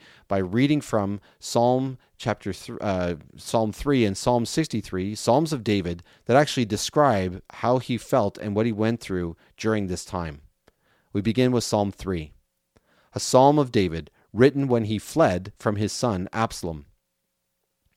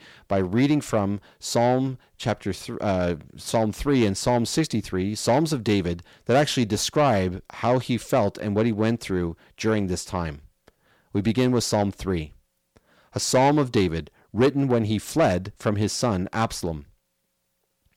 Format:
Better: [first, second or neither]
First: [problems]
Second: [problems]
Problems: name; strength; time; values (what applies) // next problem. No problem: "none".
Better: first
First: none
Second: distortion; slight; 10 dB below the speech